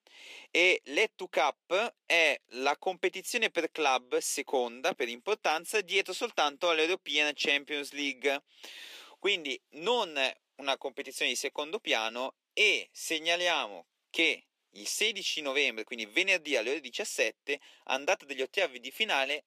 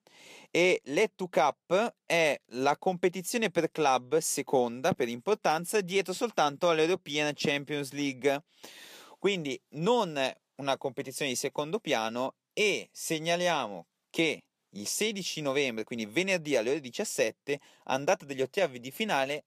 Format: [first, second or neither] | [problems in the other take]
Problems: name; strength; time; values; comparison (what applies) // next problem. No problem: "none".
second | thin; very slightly; fading below 300 Hz